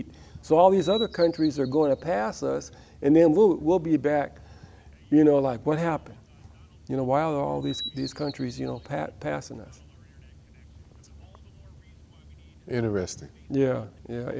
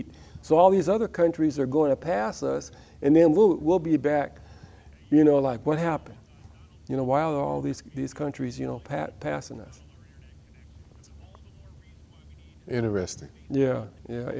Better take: second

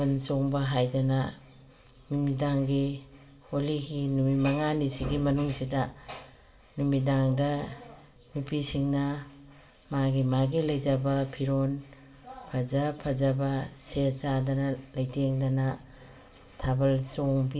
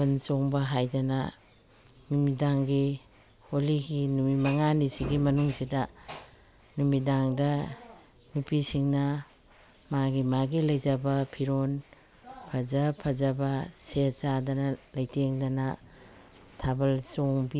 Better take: second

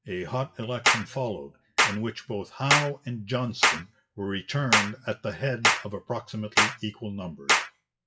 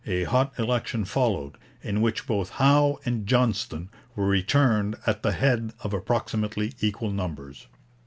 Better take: second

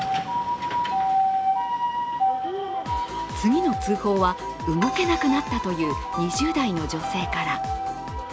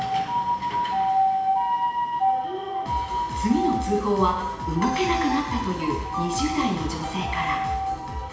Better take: first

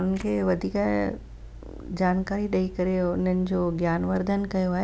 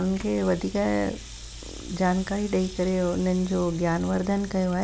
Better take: first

